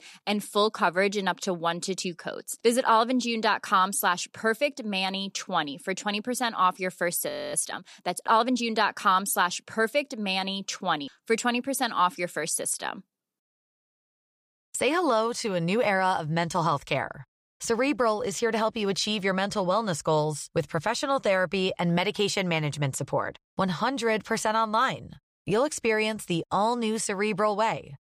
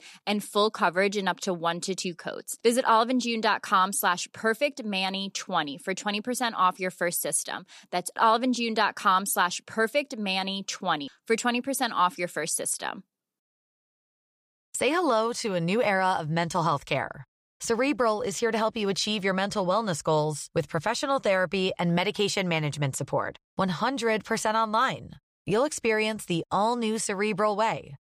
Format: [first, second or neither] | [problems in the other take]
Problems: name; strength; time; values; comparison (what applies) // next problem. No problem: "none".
second | audio freezing; at 7.5 s